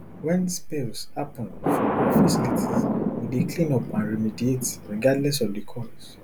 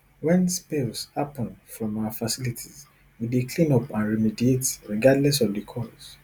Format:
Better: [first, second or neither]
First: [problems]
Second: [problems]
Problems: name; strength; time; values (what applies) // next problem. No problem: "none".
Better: second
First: background sound (Thunder); 1 dB above the speech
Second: none